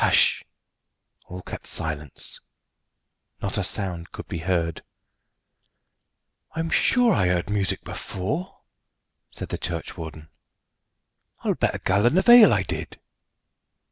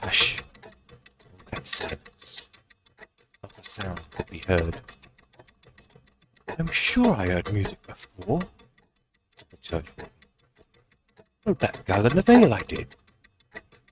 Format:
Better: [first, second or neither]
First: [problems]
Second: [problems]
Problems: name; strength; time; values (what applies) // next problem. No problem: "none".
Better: first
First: none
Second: noise reduction (neural mask model RNNoise)